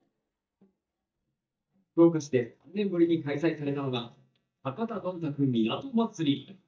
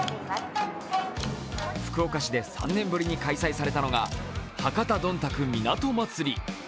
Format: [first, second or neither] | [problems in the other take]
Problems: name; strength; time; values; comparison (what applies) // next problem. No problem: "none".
second | noise reduction (neural mask model DeepFilterNet 3)